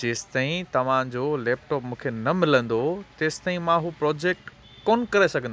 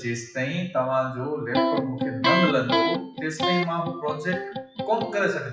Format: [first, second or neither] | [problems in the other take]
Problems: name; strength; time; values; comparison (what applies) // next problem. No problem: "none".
first | noise reduction (classical method WPE with log-MMSE)